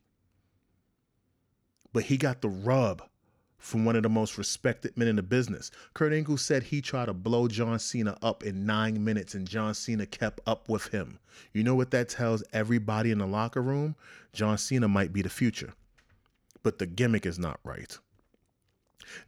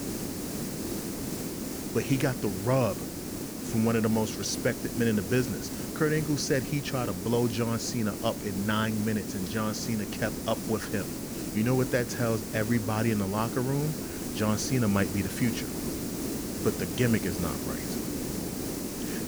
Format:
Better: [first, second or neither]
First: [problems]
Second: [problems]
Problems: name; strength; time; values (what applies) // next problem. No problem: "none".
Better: first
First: none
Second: hiss; loud; throughout; 5 dB below the speech